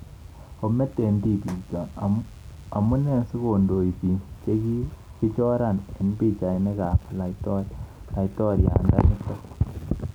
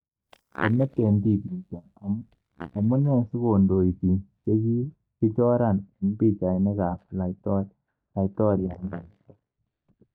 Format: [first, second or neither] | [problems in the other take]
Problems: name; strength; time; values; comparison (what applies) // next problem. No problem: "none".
first | noise reduction (neural mask model DeepFilterNet 3)